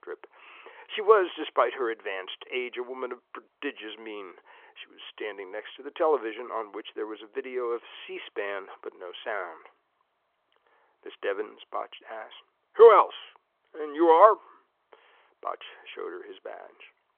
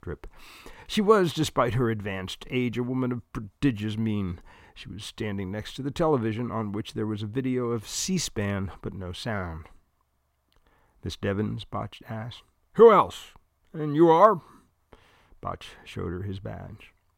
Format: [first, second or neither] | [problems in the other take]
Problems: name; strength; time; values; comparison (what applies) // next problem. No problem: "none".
second | phone-call audio; nothing above 3.5 kHz